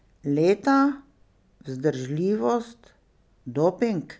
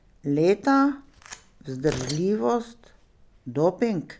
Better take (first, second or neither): first